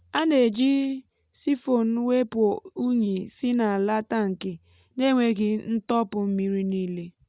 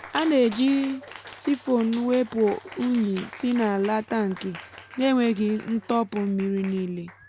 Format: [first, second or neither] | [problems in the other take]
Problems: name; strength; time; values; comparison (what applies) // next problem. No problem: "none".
first | background sound (Cheering); 19 dB below the speech